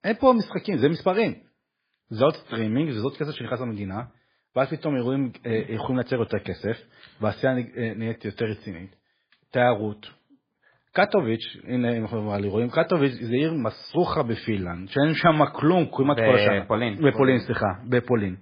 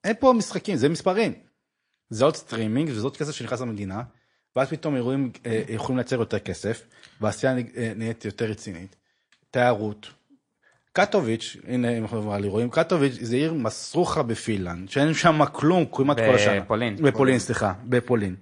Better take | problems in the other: second | garbled, watery; badly; nothing above 5 kHz; slightly in the second

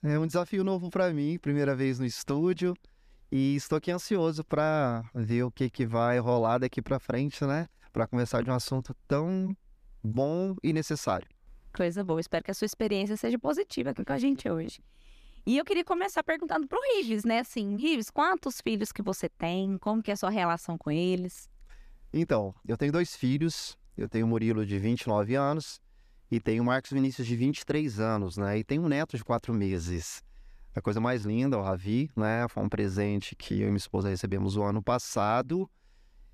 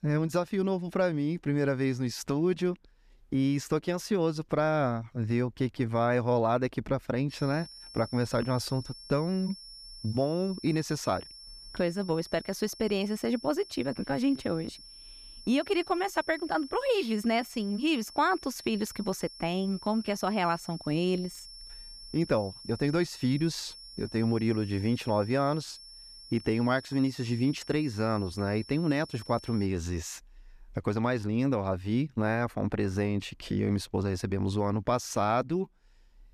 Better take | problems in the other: first | high-pitched whine; noticeable; from 7.5 to 30 s; 5.5 kHz, 15 dB below the speech

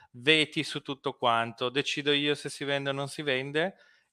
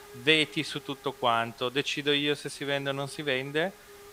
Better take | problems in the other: first | hiss; faint; throughout; 20 dB below the speech

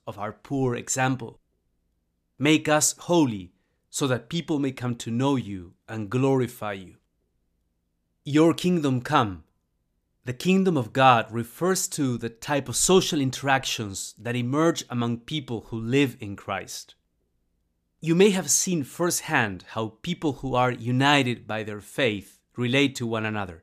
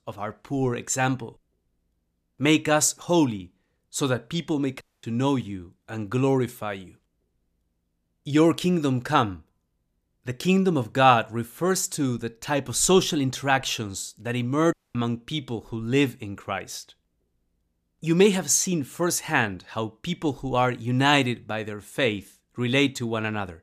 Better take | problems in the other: first | audio cutting out; at 5 s and at 15 s

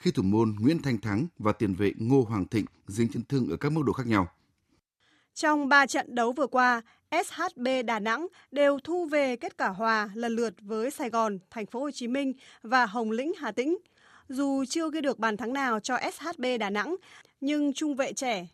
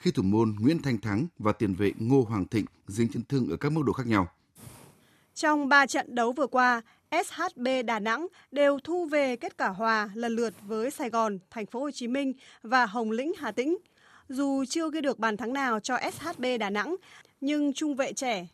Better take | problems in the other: first | hiss; faint; throughout; 30 dB below the speech

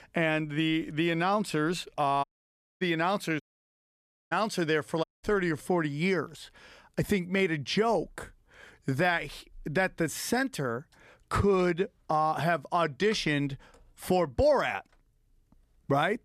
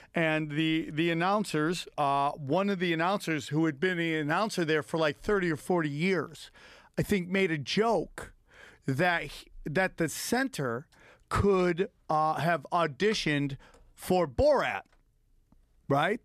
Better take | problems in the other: second | audio cutting out; at 2 s for 0.5 s, at 3.5 s for 1 s and at 5 s

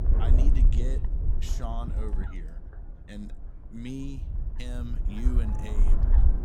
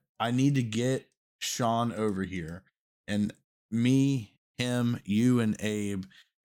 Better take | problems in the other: second | wind noise on the microphone; heavy; 2 dB below the speech

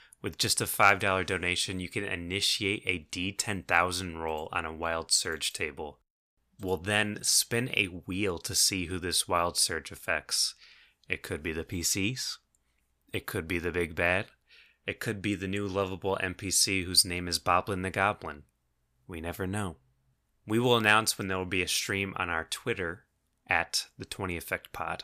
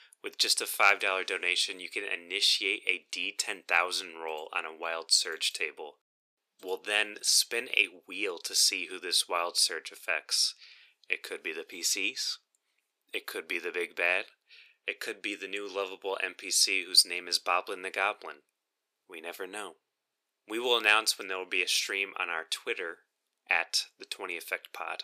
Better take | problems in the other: first | thin; very; fading below 350 Hz

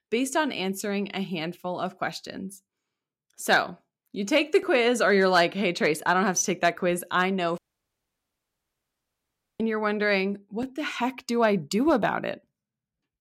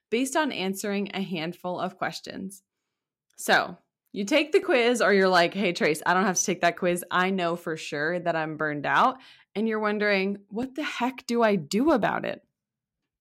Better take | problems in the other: second | audio cutting out; at 7.5 s for 2 s

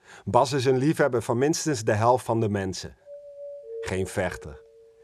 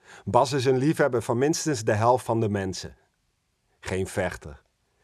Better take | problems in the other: second | doorbell; faint; from 3 s on; peak 15 dB below the speech

